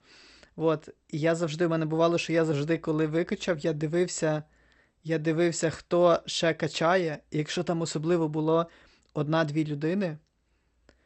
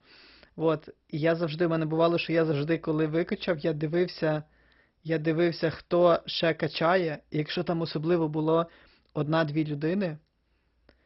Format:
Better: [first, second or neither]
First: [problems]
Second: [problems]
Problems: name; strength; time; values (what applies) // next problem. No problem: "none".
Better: first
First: garbled, watery; slightly; nothing above 8 kHz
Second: garbled, watery; badly; nothing above 5.5 kHz